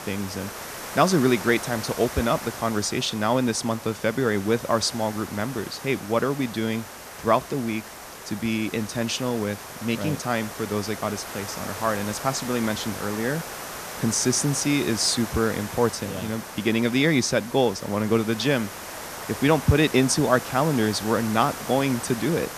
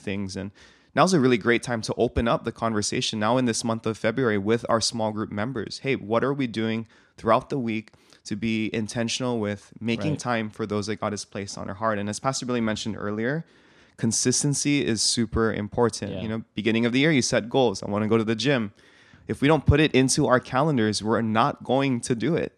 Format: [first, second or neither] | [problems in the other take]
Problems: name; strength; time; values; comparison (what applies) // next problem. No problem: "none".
second | hiss; noticeable; throughout; 10 dB below the speech